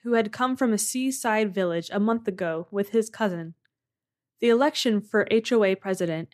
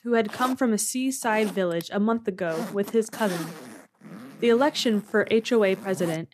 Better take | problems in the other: first | household noises; noticeable; throughout; 15 dB below the speech

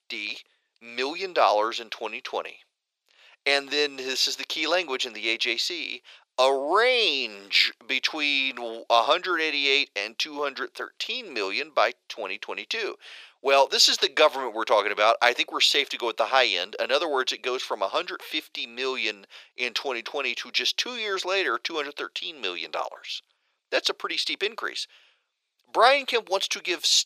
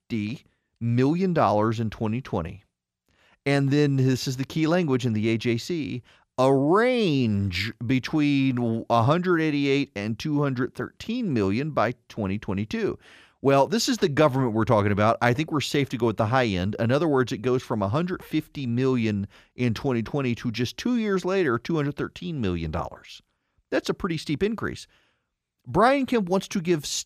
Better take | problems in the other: second | thin; very; fading below 450 Hz

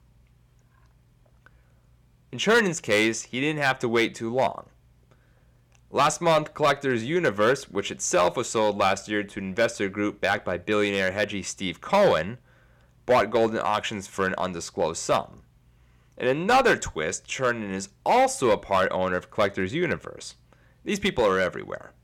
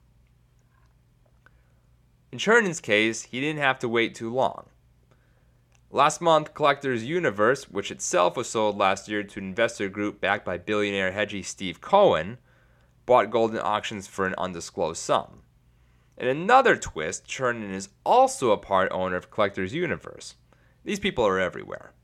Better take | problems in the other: second | distortion; slight; 3% of the sound clipped

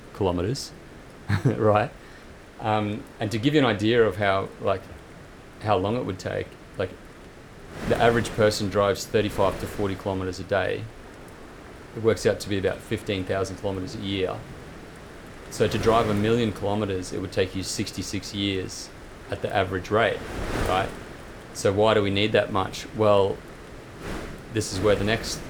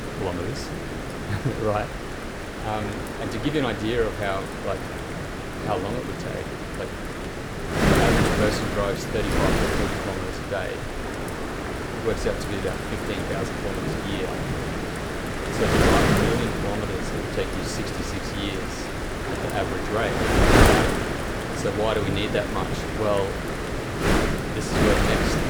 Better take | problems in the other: first | wind noise on the microphone; heavy; 2 dB above the speech; occasional gusts in the first

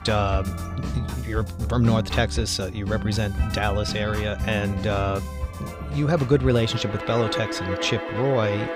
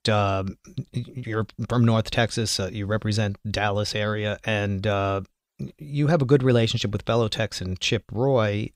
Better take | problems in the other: second | background music; loud; throughout; 5 dB below the speech

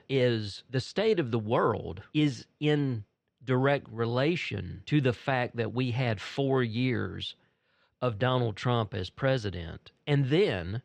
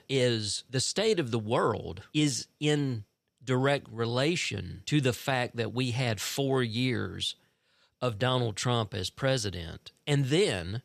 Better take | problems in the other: second | muffled; slightly; fading above 2.5 kHz

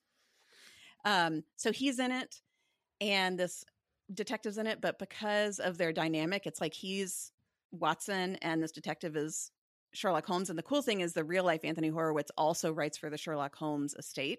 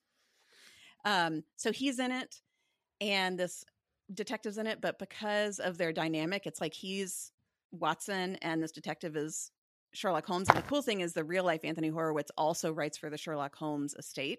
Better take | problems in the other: first | footsteps; loud; at 10 s; peak 6 dB above the speech

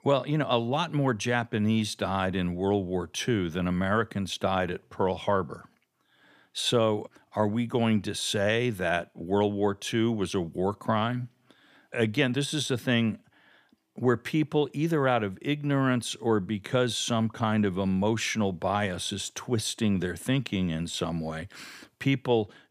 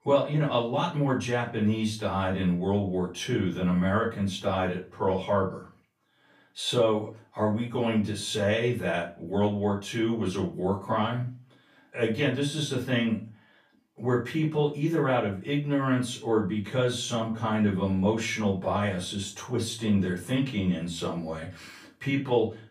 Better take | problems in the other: first | off-mic speech; far // room echo; slight; dies away in 0.3 s

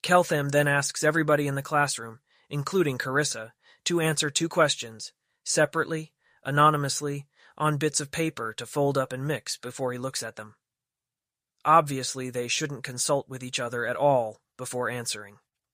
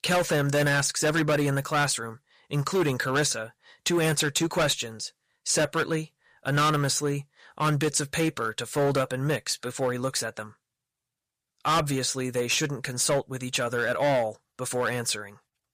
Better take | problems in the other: first | distortion; heavy; 10% of the sound clipped

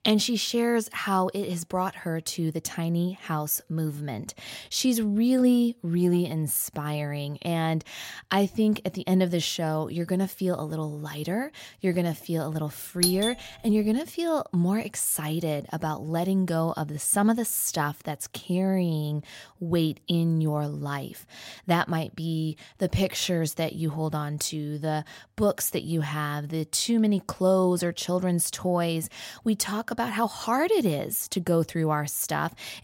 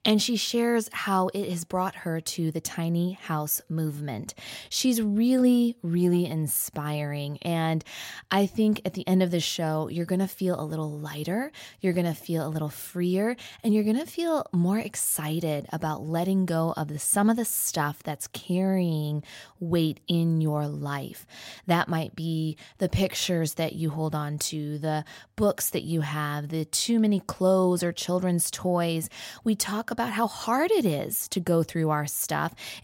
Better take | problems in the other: second | doorbell; loud; at 13 s; peak 2 dB above the speech

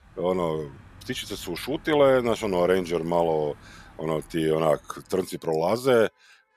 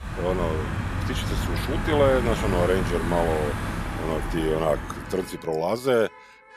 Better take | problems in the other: first | traffic noise; loud; throughout; 3 dB below the speech; faint in the first

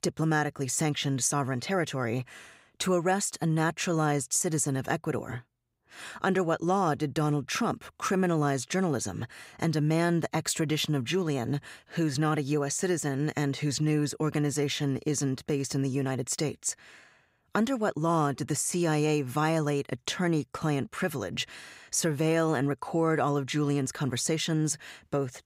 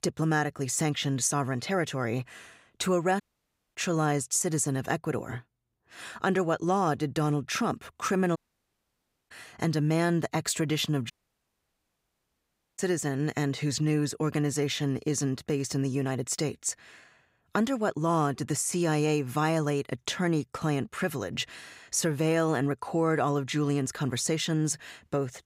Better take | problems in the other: first | audio cutting out; at 3 s for 0.5 s, at 8.5 s for 1 s and at 11 s for 1.5 s

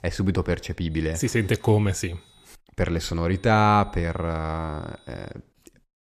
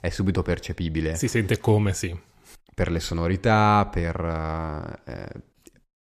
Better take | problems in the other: second | high-pitched whine; faint; from 1 to 2.5 s and from 3.5 to 5.5 s; 4 kHz, 30 dB below the speech

